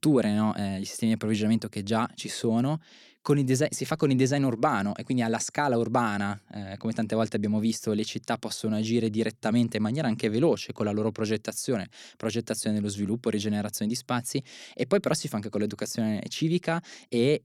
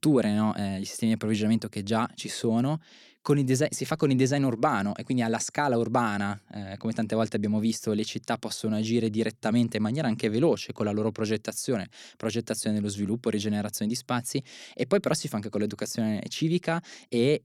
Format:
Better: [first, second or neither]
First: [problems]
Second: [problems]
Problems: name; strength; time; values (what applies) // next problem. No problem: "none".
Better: neither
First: none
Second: none